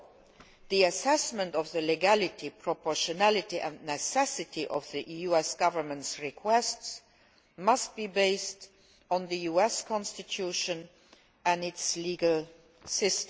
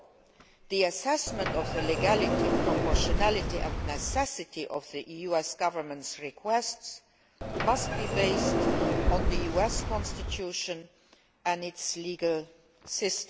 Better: first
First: none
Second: background sound (Sliding door); as loud as the speech

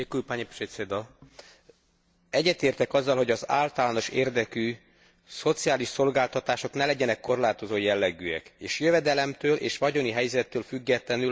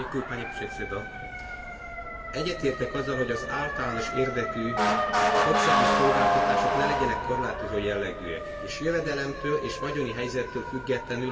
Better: first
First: none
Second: background sound (Motor vehicle (road) / Siren); 2 dB above the speech // room echo; dies away in 1.8 s

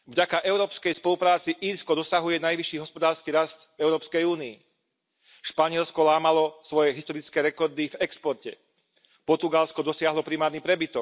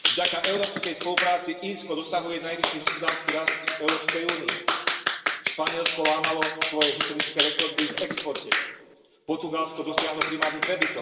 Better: first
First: none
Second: background sound (Clapping); 1 dB above the speech // room echo; dies away in 1.9 s

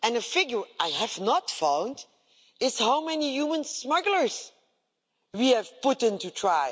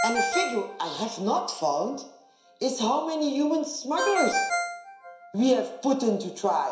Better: first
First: none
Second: background sound (Ringtone); 6 dB below the speech // room echo; dies away in 0.7 s

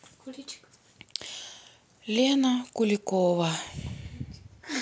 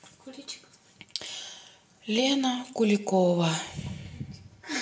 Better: first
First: none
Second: room echo; dies away in 0.6 s

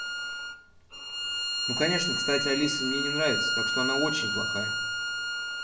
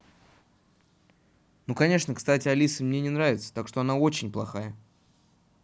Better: second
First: background sound (Bowed string instrument); 2 dB above the speech // room echo; dies away in 0.7 s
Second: none

